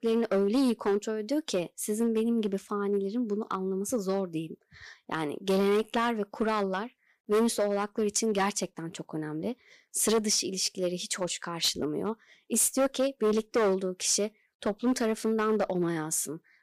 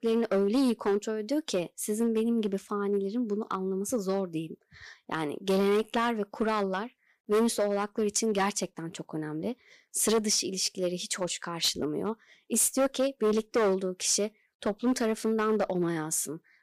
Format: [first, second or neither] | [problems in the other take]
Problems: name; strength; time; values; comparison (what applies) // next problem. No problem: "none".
neither | distortion; slight; 6% of the sound clipped; the same in both